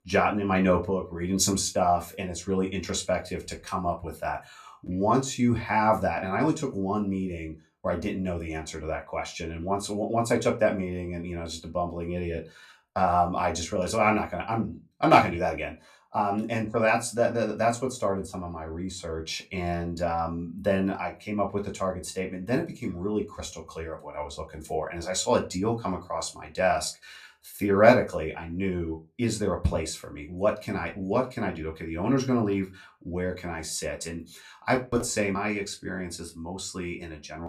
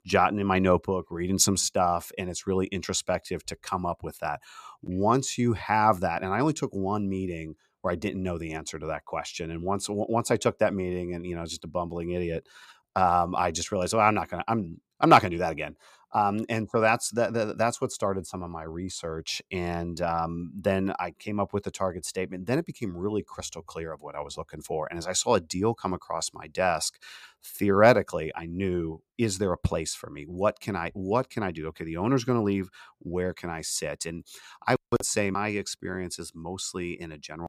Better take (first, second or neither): second